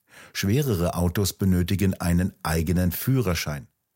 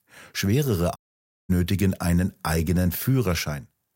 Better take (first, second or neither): first